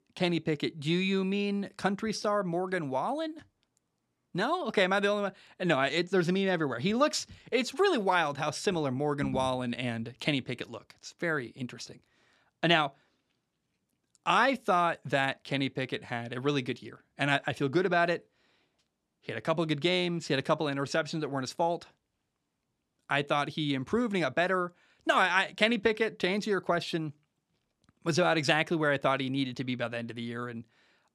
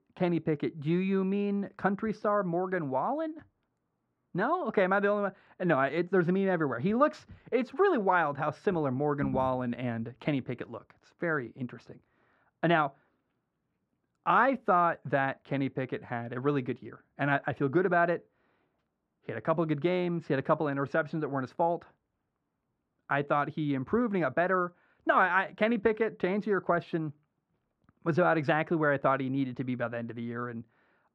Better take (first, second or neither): first